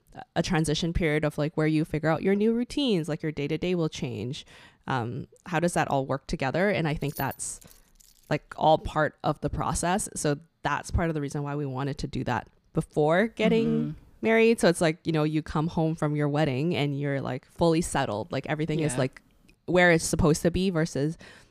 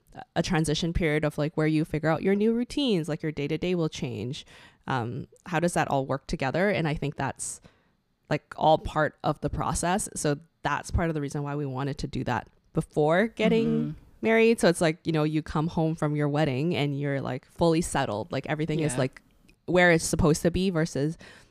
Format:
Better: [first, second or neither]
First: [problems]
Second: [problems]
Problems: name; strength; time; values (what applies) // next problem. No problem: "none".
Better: second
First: jangling keys; faint; from 7 to 8.5 s; peak 15 dB below the speech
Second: none